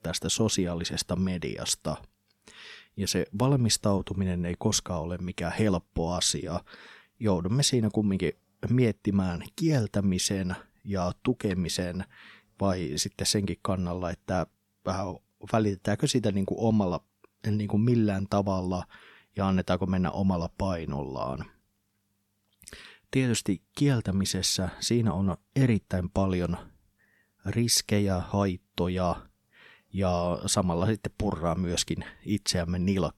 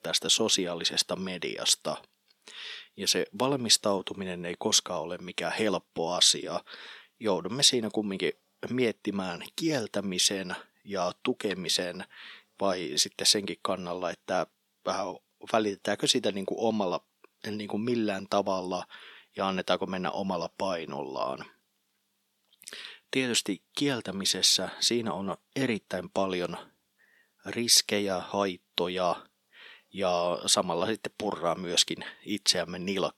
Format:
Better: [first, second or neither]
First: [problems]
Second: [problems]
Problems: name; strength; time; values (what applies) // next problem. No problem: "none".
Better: first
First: none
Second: thin; somewhat; fading below 350 Hz